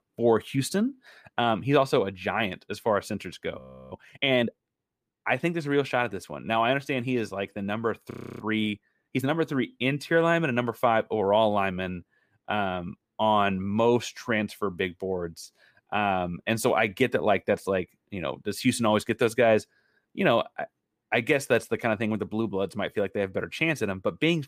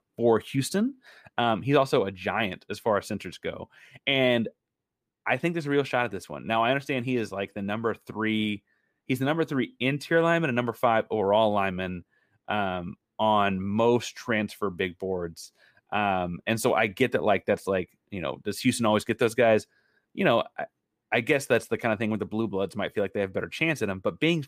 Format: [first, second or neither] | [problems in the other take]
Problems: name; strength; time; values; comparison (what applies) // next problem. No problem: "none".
second | audio freezing; at 3.5 s and at 8 s